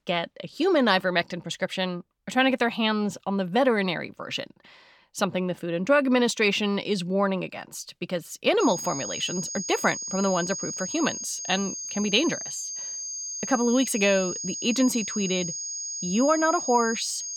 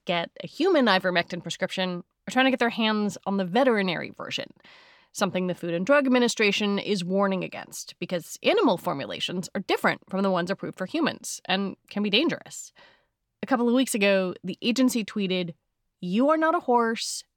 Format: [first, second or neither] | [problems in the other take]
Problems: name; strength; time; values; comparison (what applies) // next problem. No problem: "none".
second | high-pitched whine; loud; from 8.5 s on; 6.5 kHz, 6 dB below the speech